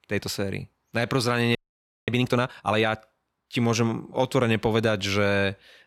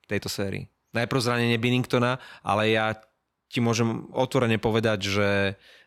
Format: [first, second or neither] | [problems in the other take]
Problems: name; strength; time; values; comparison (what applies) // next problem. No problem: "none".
second | audio freezing; at 1.5 s for 0.5 s